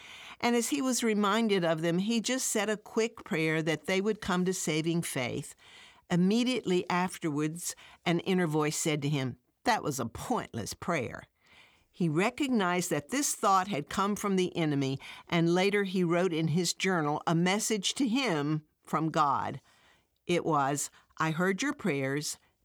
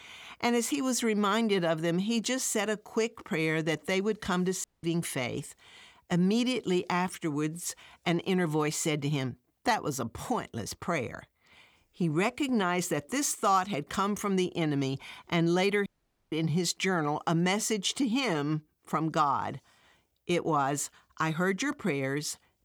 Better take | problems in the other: first | audio cutting out; at 4.5 s and at 16 s

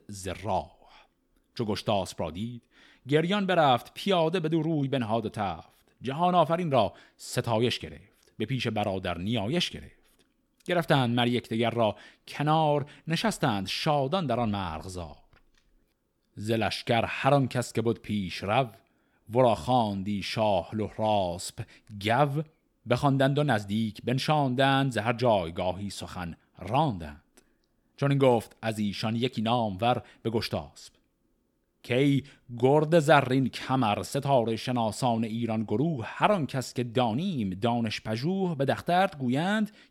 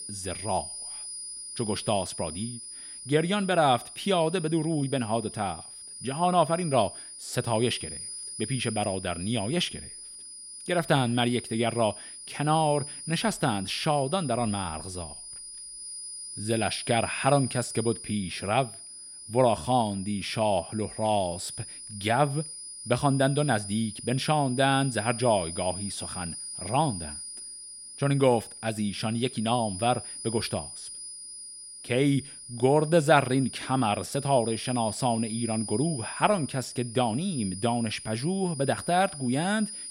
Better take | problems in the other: first | high-pitched whine; noticeable; throughout; 9.5 kHz, 10 dB below the speech

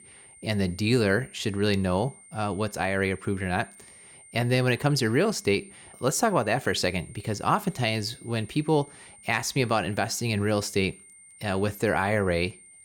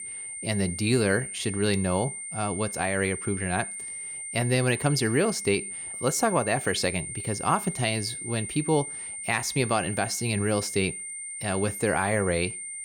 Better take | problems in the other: first | high-pitched whine; loud; throughout; 9 kHz, 6 dB below the speech; faint in the first

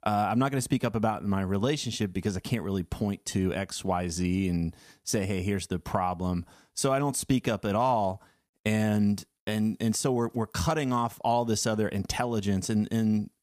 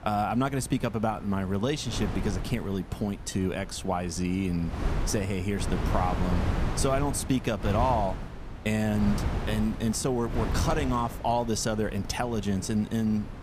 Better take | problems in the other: first | wind noise on the microphone; heavy; 9 dB below the speech

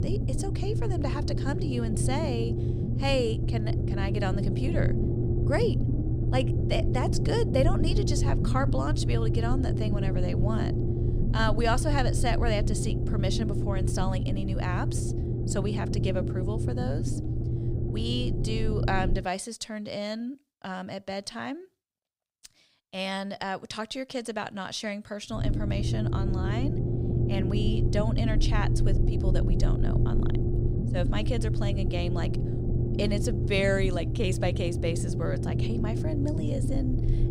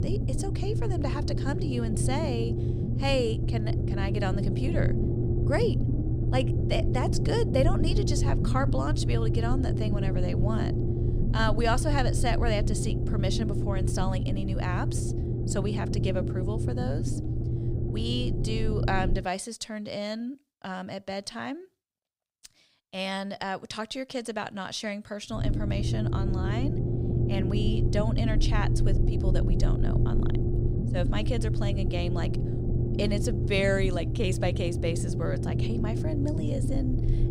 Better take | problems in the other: neither | low rumble; loud; until 19 s and from 25 s on; 4 dB below the speech; the same in both

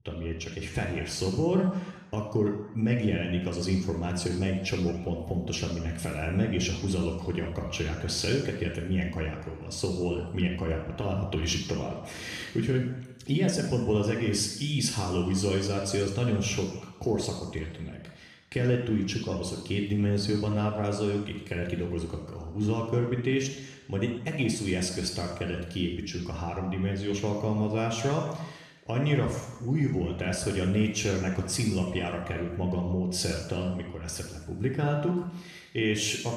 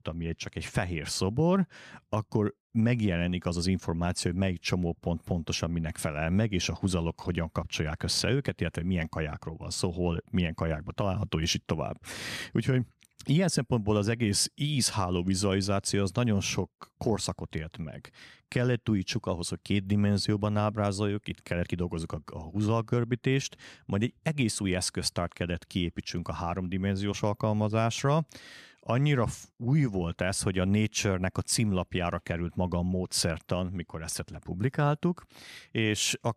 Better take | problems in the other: second | room echo; noticeable; dies away in 0.9 s // off-mic speech; somewhat distant

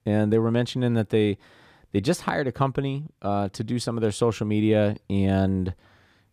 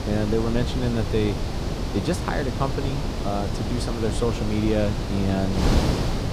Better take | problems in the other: first | wind noise on the microphone; heavy; 3 dB below the speech

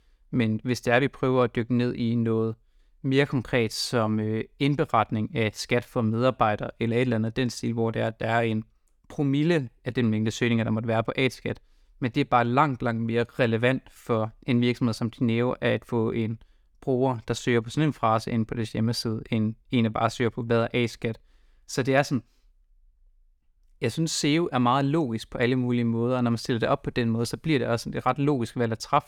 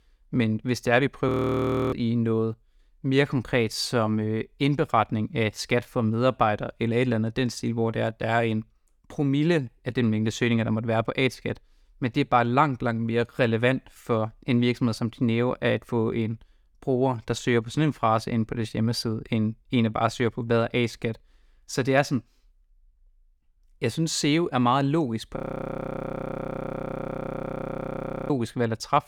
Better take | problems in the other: first | audio freezing; at 1.5 s for 0.5 s and at 25 s for 3 s

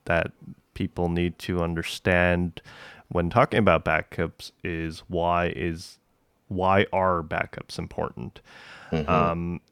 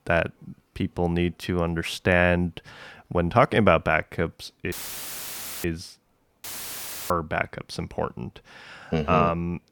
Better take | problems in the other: first | audio cutting out; filled with static; at 4.5 s for 1 s and at 6.5 s for 0.5 s

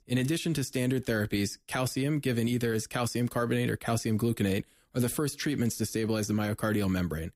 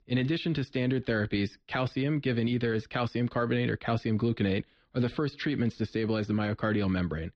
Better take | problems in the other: first | muffled; slightly; fading above 4 kHz

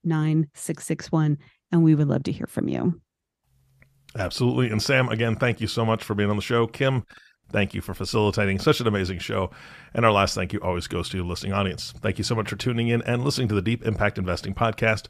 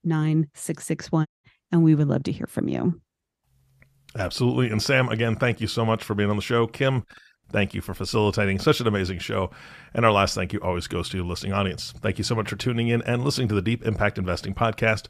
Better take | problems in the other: first | audio cutting out; at 1.5 s

